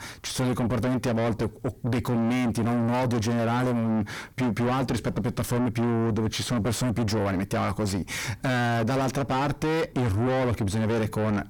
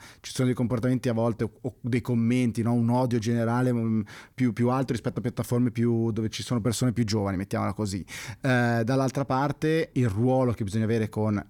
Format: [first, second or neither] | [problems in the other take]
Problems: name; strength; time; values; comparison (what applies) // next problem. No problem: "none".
second | distortion; heavy; 5 dB below the speech